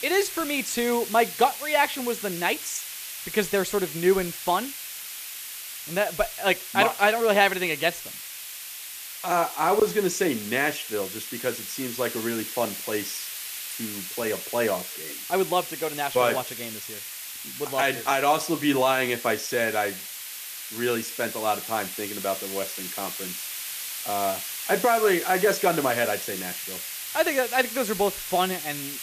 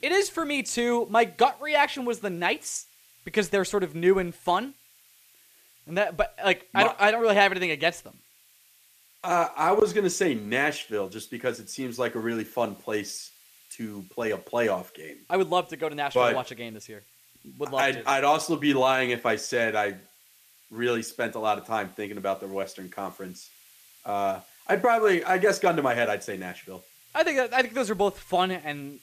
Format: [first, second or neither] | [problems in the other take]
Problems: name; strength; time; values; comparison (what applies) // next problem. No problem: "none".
second | hiss; loud; throughout; 8 dB below the speech; faint in the second